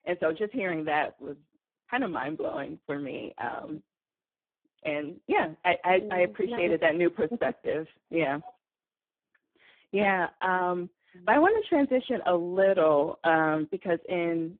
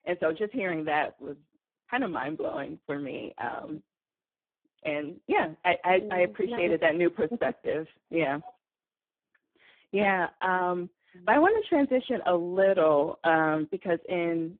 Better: neither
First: phone-call audio; poor line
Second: phone-call audio; poor line

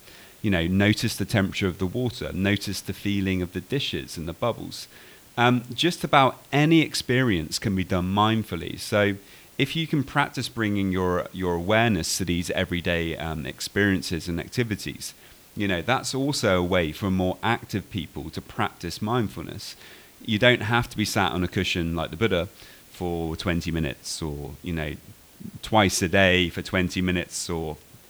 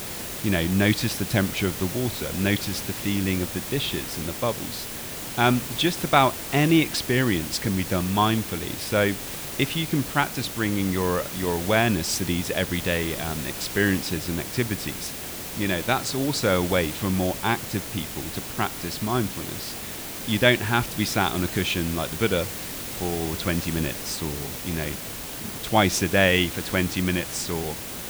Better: first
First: hiss; faint; throughout; 25 dB below the speech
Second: hiss; loud; throughout; 7 dB below the speech

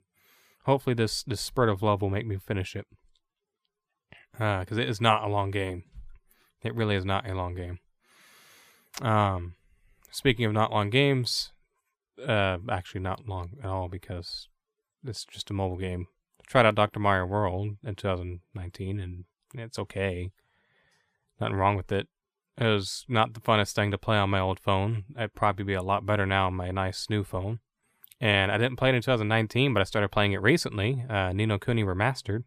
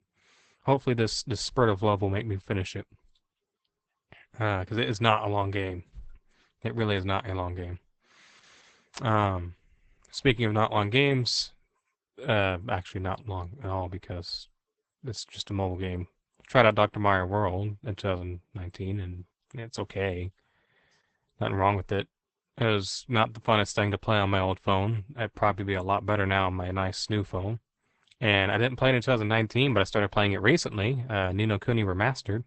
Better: first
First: none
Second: garbled, watery; badly; nothing above 8 kHz

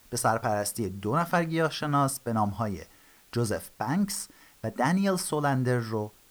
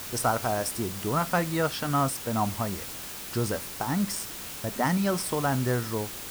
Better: first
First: hiss; faint; throughout; 30 dB below the speech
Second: hiss; loud; throughout; 7 dB below the speech

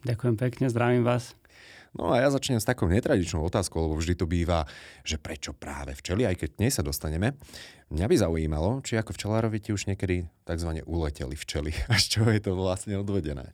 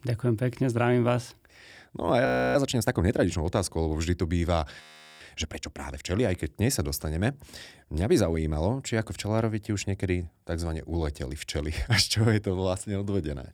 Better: first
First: none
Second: audio freezing; at 2.5 s and at 5 s

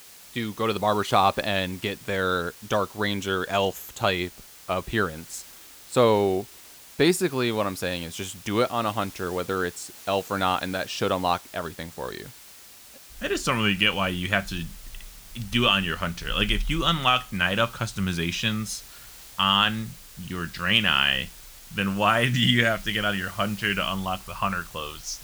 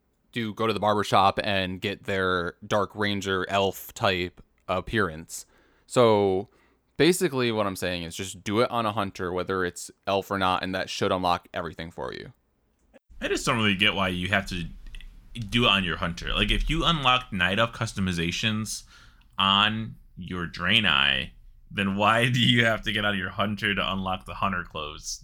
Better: second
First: hiss; noticeable; throughout; 20 dB below the speech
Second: none

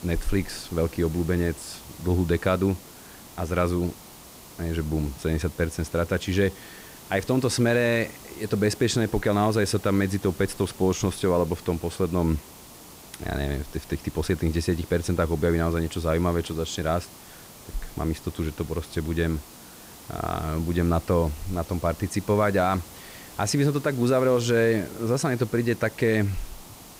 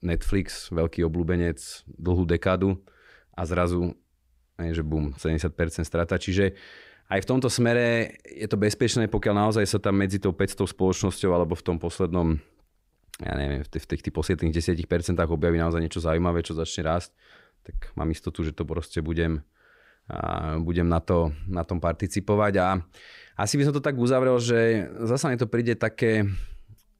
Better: second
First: hiss; noticeable; throughout; 20 dB below the speech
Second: none

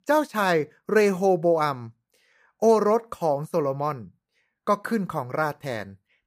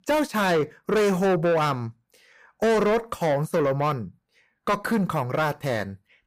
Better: first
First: none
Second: distortion; heavy; 7 dB below the speech

